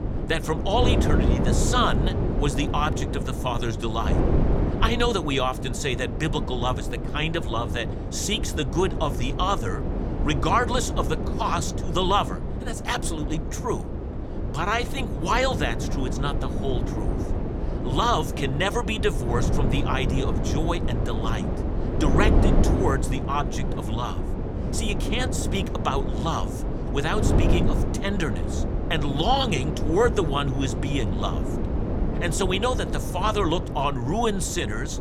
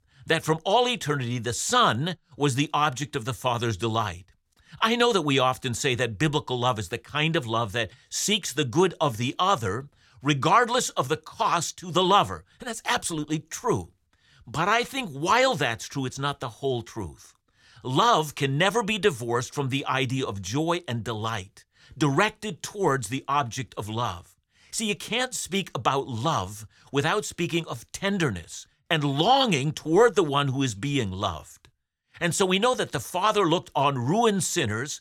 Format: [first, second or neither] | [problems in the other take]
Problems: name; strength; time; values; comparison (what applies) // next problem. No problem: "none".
second | wind noise on the microphone; heavy; 7 dB below the speech